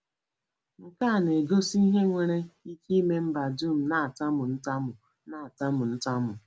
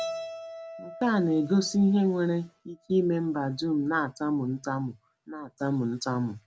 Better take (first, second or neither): first